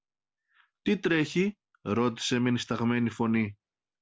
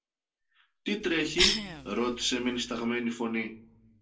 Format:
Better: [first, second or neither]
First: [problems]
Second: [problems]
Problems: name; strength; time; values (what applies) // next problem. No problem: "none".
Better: first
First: none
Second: background sound (Cough); 2 dB below the speech // room echo; dies away in 0.2 s